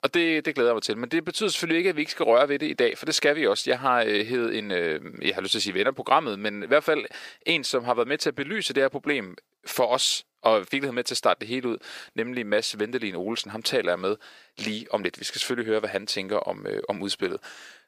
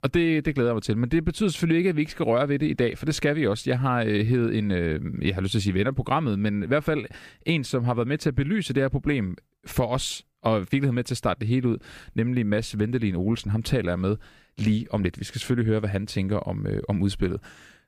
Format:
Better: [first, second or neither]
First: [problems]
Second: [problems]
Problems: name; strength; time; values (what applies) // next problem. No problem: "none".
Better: second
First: thin; very; fading below 500 Hz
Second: none